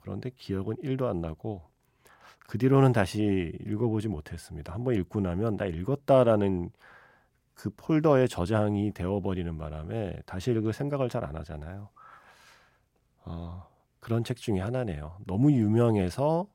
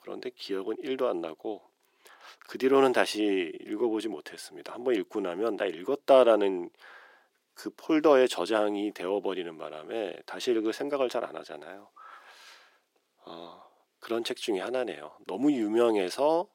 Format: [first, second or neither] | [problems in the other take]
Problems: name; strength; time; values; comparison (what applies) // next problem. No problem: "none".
first | thin; somewhat; fading below 350 Hz